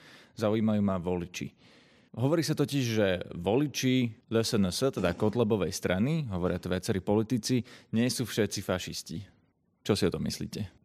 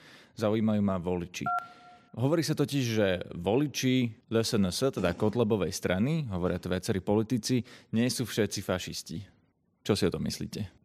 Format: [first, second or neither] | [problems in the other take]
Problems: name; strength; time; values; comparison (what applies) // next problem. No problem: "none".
first | phone ringing; noticeable; at 1.5 s; peak 4 dB below the speech